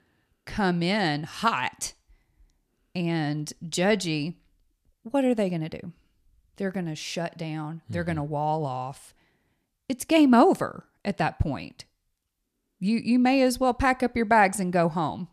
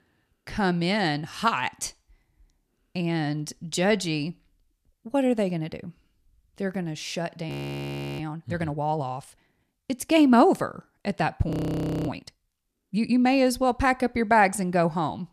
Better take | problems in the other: first | audio freezing; at 7.5 s for 0.5 s and at 12 s for 0.5 s

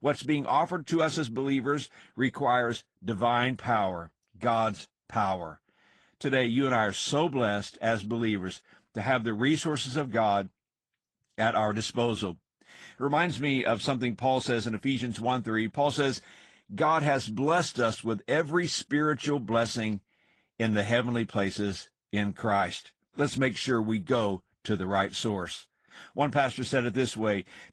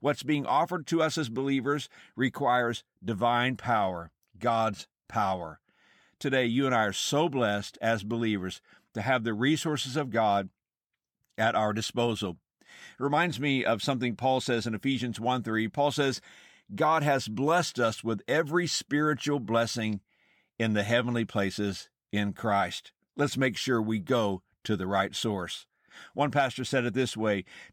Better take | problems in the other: second | garbled, watery; slightly

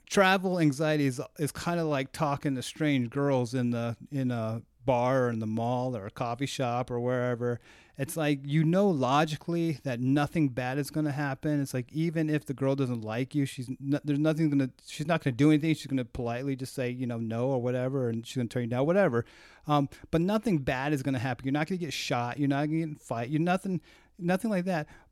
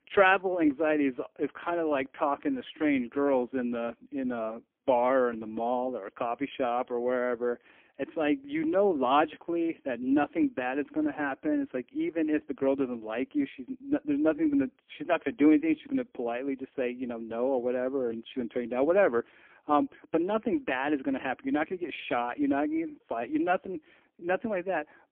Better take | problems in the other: first | phone-call audio; poor line; nothing above 3 kHz

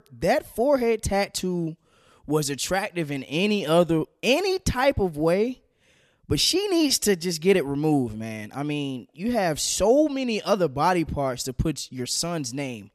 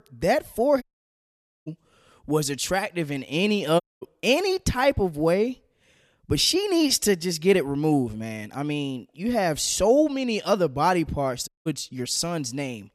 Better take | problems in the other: first | audio cutting out; at 1 s for 1 s, at 4 s and at 11 s

